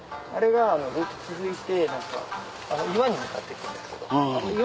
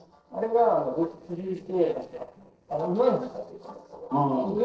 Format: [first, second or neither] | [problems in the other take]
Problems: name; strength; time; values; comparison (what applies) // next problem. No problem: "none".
first | noise reduction (neural separator model SepFormer DNS4)